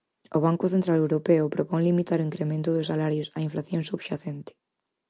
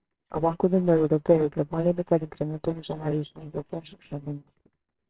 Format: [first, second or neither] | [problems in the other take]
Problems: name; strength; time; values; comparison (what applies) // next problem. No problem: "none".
first | noise reduction (neural separator model SepFormer WHAMR!)